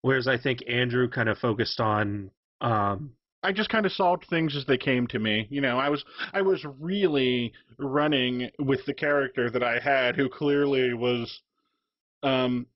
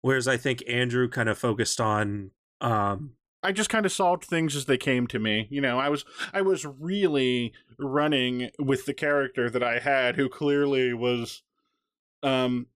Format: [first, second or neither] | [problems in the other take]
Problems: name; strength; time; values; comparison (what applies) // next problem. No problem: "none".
second | garbled, watery; badly; nothing above 5.5 kHz